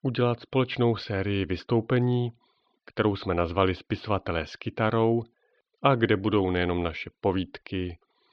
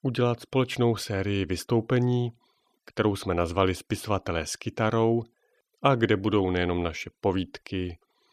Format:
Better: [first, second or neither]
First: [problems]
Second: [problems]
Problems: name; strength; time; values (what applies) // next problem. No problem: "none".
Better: second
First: muffled; very slightly; fading above 4 kHz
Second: none